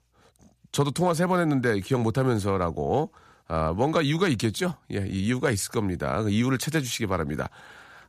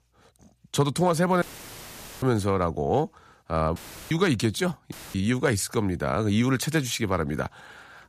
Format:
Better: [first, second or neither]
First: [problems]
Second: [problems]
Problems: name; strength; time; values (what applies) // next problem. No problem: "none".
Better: first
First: none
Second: audio cutting out; filled with static; at 1.5 s for 1 s, at 4 s and at 5 s